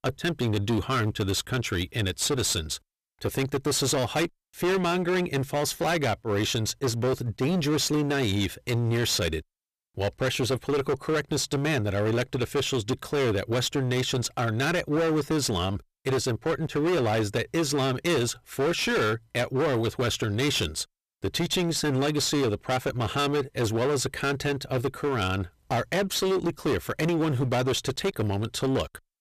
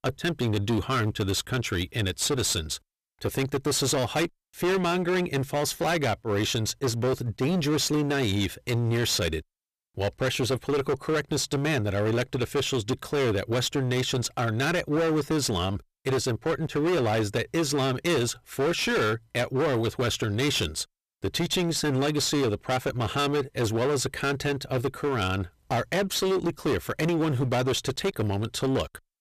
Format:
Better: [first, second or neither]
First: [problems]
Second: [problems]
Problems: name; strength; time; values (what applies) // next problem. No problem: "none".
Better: neither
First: distortion; heavy; 21% of the sound clipped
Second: distortion; heavy; 21% of the sound clipped